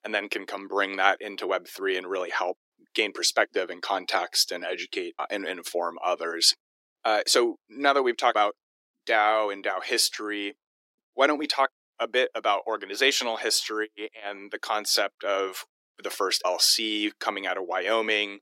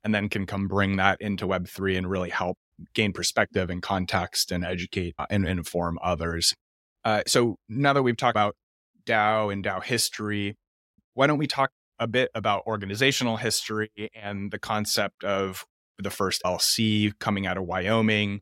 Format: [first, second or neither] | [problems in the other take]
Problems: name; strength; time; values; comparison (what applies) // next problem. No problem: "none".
second | thin; somewhat; fading below 300 Hz